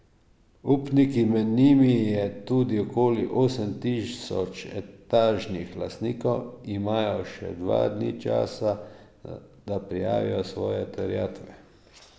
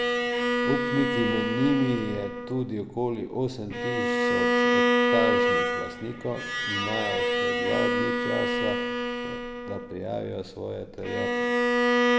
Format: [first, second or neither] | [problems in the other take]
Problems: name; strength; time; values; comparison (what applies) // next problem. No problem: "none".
first | background sound (Bowed string instrument); 5 dB above the speech